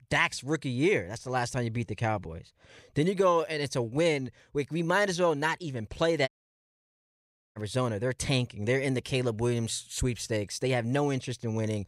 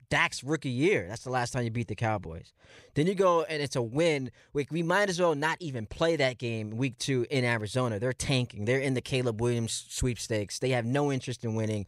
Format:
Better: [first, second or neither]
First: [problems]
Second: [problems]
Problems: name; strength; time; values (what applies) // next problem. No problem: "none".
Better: second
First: audio cutting out; at 6.5 s for 1.5 s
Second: none